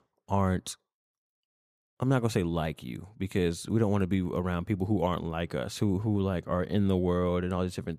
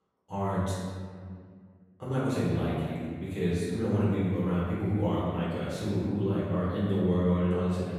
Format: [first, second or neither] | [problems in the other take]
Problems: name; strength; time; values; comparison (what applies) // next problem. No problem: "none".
first | off-mic speech; far // room echo; strong; dies away in 1.8 s